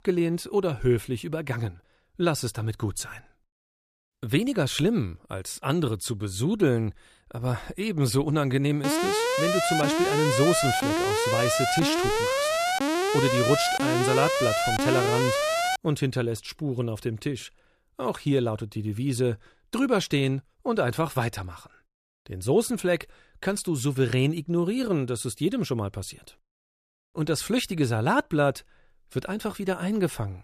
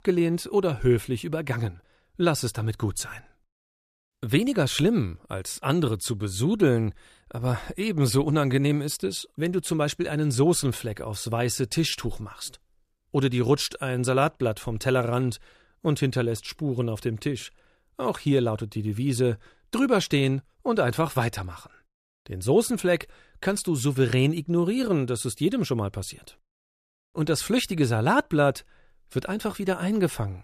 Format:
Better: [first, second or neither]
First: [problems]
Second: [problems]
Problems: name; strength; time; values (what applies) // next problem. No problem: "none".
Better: second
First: alarm; loud; from 9 to 16 s; peak 3 dB above the speech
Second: none